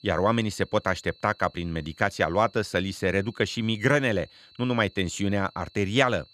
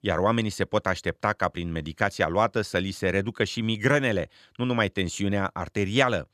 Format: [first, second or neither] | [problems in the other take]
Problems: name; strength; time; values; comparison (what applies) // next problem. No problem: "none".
second | high-pitched whine; faint; throughout; 4 kHz, 25 dB below the speech